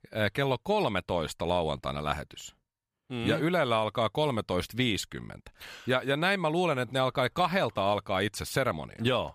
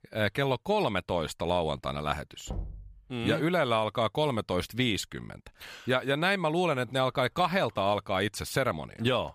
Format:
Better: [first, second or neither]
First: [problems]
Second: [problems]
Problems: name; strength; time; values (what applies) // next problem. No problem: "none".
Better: first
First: none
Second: door banging; faint; at 2.5 s; peak 10 dB below the speech